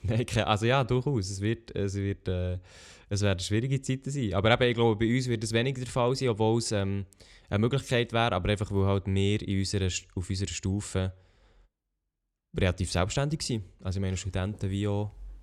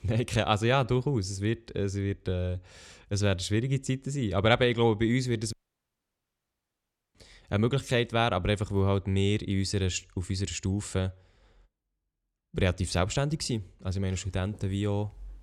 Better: first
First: none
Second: audio cutting out; at 5.5 s for 1.5 s

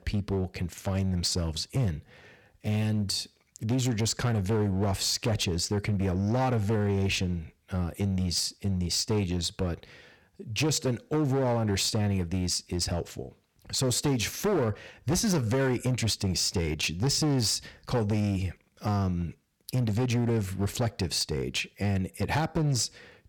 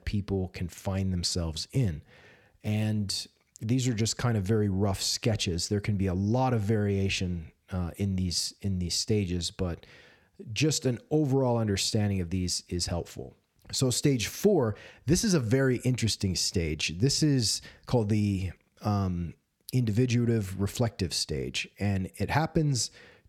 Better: second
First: distortion; slight; 12% of the sound clipped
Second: none

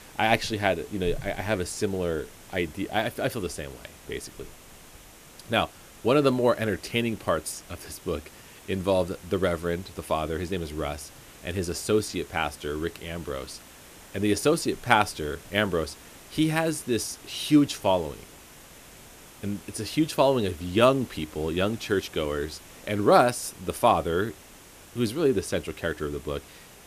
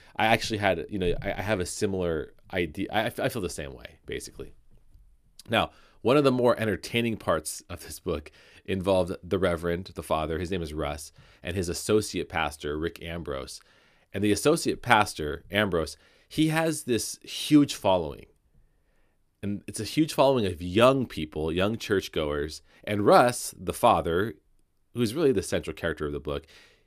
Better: second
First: hiss; faint; throughout; 20 dB below the speech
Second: none

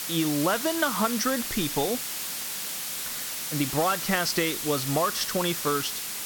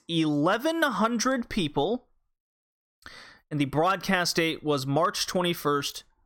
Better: second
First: hiss; loud; throughout; 3 dB below the speech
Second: none

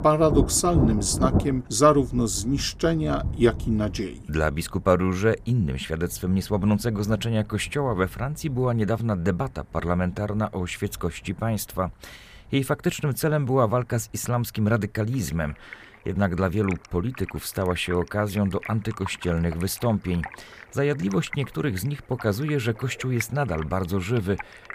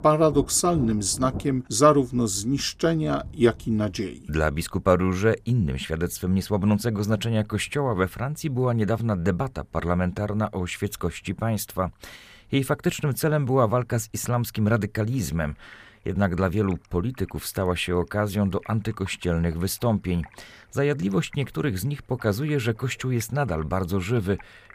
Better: second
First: rain or running water; loud; throughout; 9 dB below the speech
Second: rain or running water; faint; throughout; 20 dB below the speech

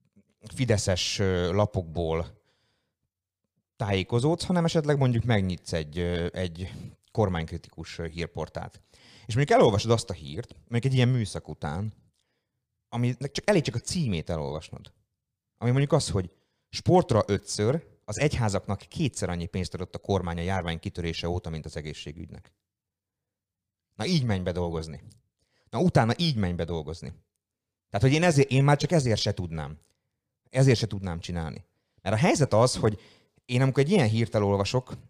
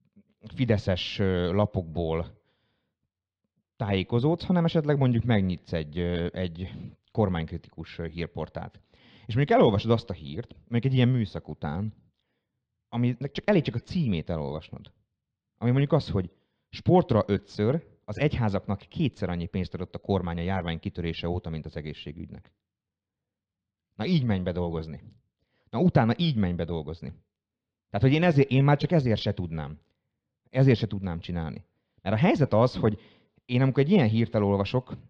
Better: first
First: none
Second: muffled; slightly; fading above 3.5 kHz

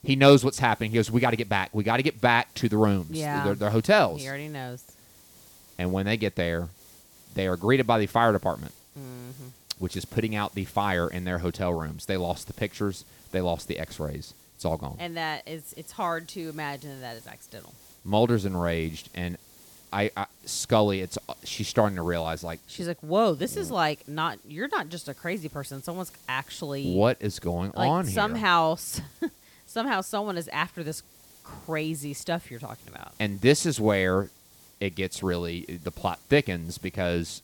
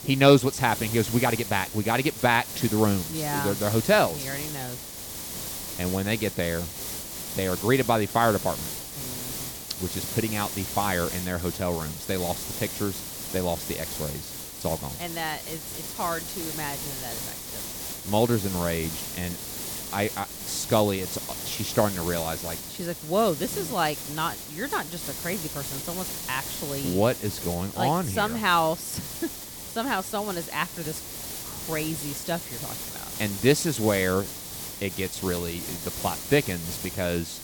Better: first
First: hiss; faint; throughout; 25 dB below the speech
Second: hiss; loud; throughout; 6 dB below the speech

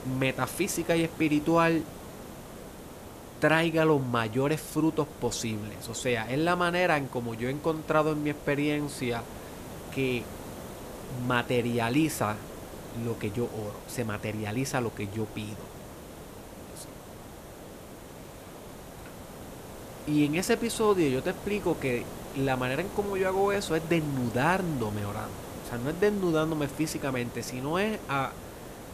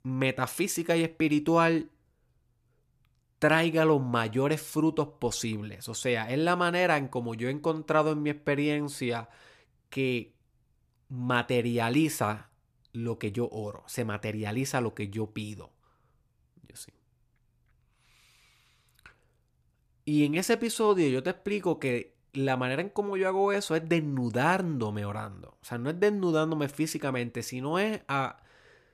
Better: second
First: hiss; noticeable; throughout; 15 dB below the speech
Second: none

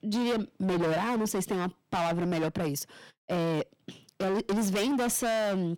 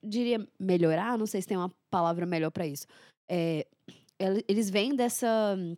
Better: second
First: distortion; heavy; 26% of the sound clipped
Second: none

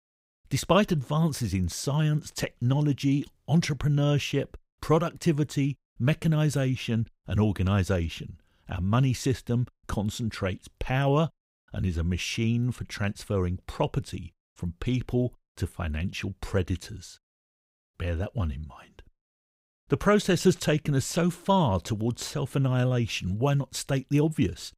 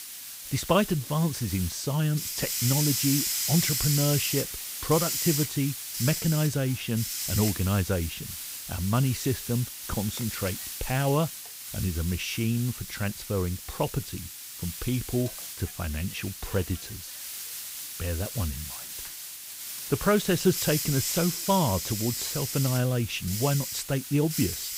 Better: first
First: none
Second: hiss; loud; throughout; 3 dB below the speech

